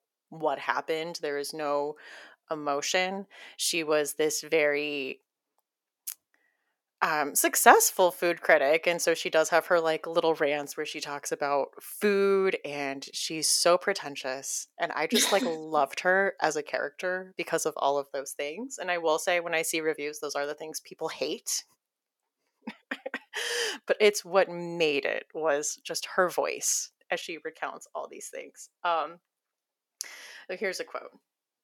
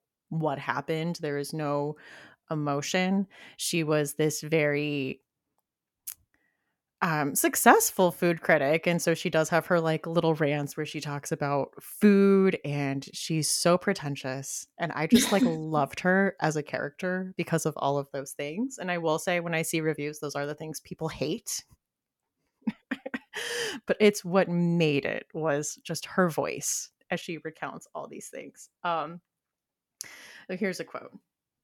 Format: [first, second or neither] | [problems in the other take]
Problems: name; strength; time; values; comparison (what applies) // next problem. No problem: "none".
second | thin; somewhat; fading below 500 Hz